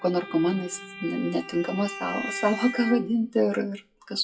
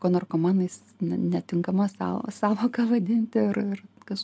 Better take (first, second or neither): second